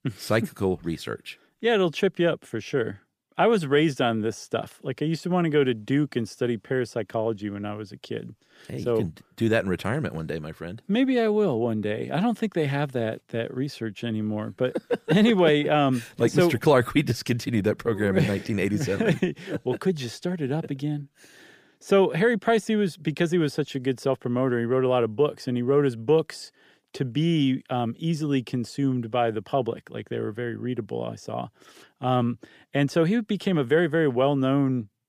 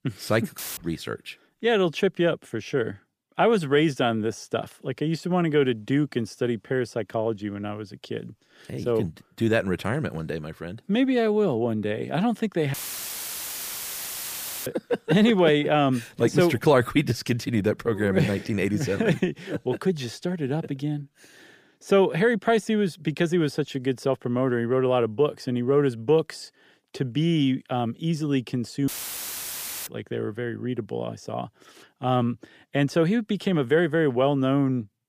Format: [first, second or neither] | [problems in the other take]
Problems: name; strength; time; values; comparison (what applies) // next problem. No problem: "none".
first | audio cutting out; filled with static; at 0.5 s, at 13 s for 2 s and at 29 s for 1 s